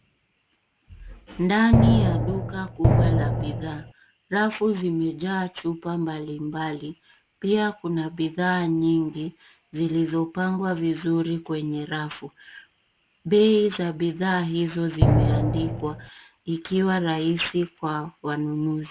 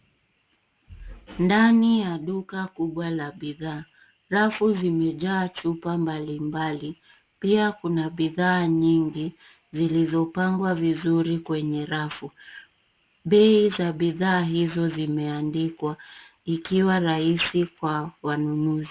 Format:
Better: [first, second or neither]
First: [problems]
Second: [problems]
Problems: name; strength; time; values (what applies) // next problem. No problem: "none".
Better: second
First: background sound (Drum); 4 dB above the speech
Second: none